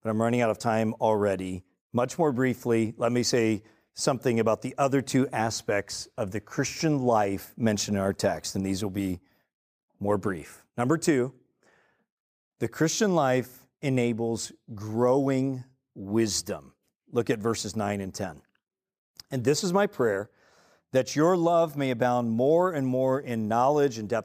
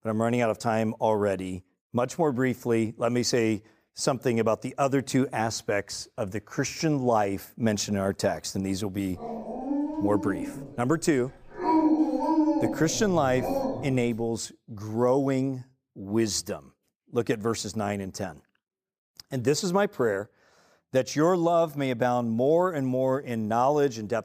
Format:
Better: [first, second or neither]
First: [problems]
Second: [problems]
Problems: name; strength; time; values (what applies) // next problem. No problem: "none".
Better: first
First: none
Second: dog barking; loud; from 9 to 14 s; peak 5 dB above the speech